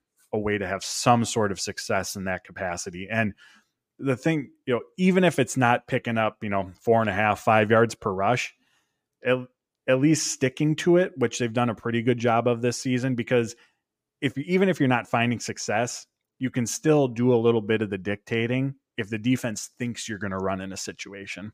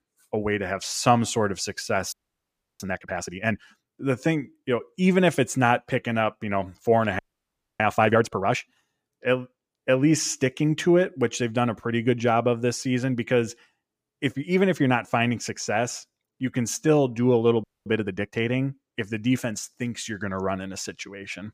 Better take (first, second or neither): first